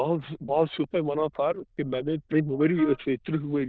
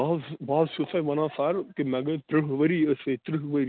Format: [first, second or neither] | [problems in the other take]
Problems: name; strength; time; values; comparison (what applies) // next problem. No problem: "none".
second | noise reduction (neural diffusion model UNIVERSE++)